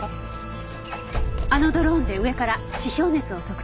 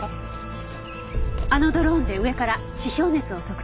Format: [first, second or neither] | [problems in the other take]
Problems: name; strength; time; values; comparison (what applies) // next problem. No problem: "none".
second | background sound (Door); 19 dB below the speech